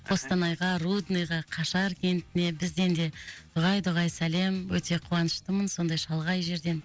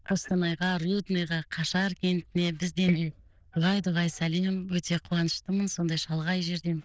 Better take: first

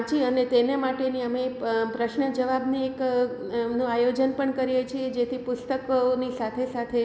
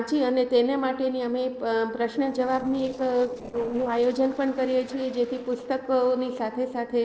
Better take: first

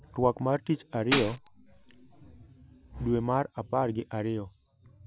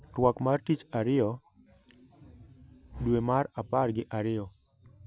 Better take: second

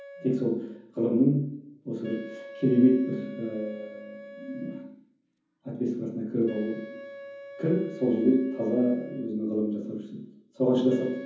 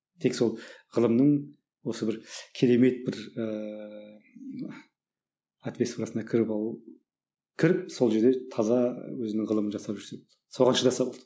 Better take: second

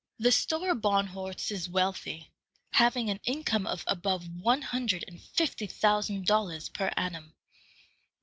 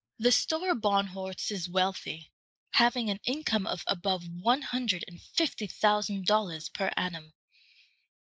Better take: first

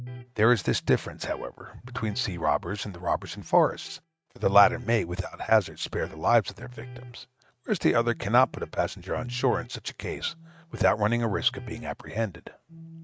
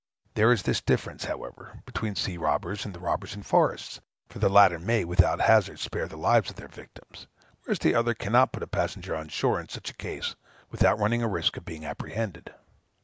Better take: second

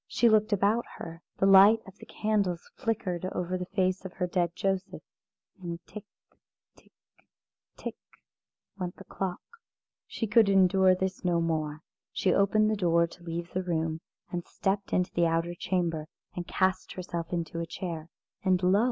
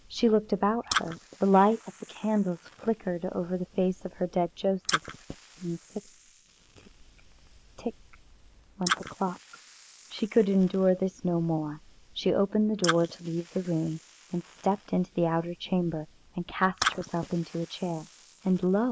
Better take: first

